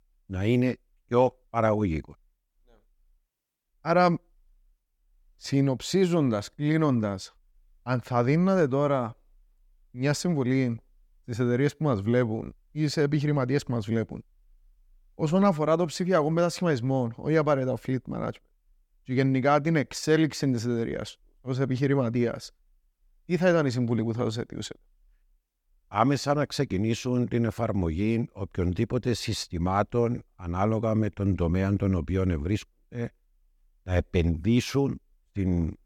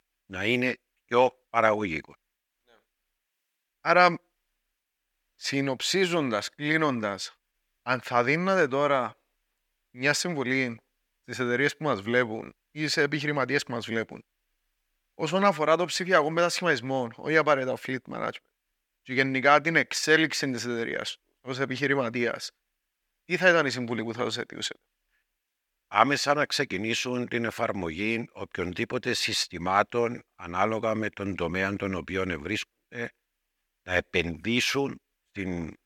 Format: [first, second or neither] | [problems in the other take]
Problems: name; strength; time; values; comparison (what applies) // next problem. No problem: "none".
first | thin; somewhat; fading below 600 Hz